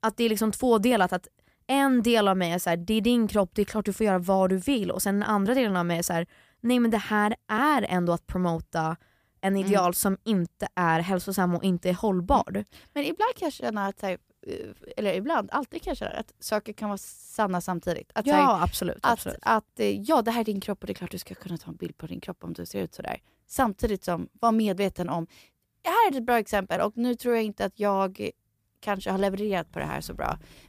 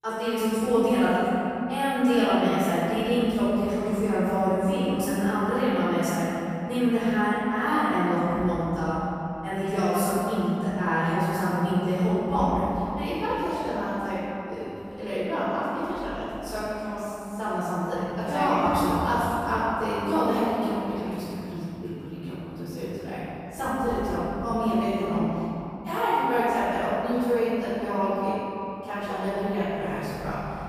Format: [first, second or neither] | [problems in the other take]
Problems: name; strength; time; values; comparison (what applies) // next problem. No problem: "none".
first | room echo; strong; dies away in 3 s // off-mic speech; far